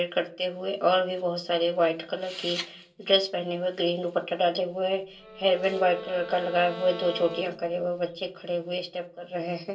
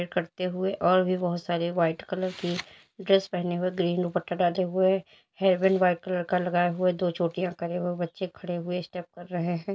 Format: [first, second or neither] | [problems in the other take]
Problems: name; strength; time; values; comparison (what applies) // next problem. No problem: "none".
second | background sound (Bowed string instrument); 13 dB below the speech // room echo; dies away in 0.2 s